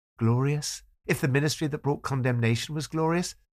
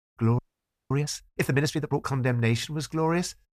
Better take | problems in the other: first | audio freezing; at 0.5 s for 0.5 s

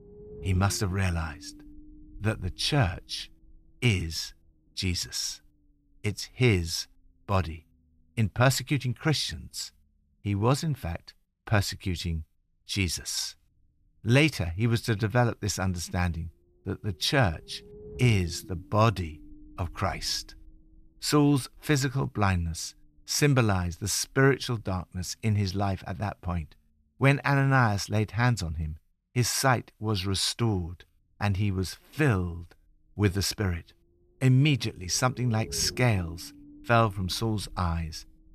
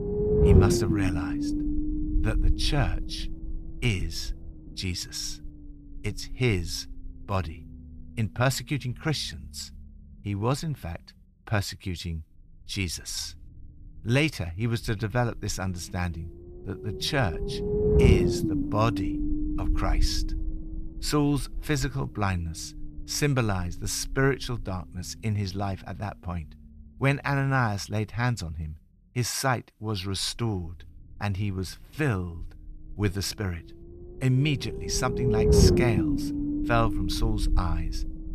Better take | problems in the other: first | low rumble; loud; throughout; as loud as the speech; faint in the first

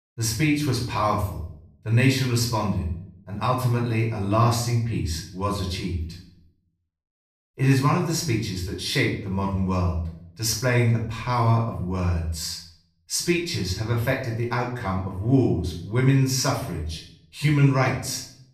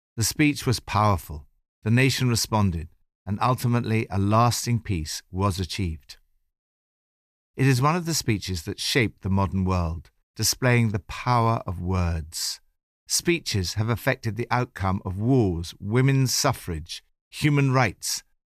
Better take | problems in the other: second | off-mic speech; far // room echo; slight; dies away in 0.5 s

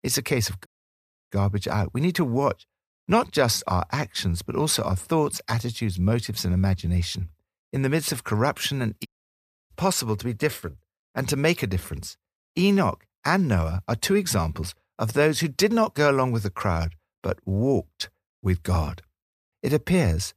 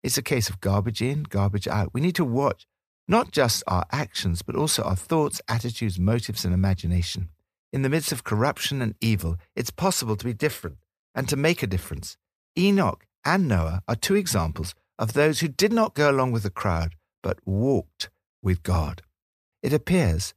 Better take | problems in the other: second | audio cutting out; at 0.5 s for 0.5 s and at 9 s for 0.5 s

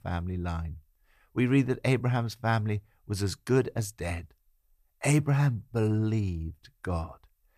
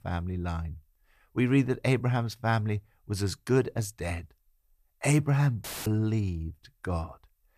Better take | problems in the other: first | audio cutting out; filled with static; at 5.5 s

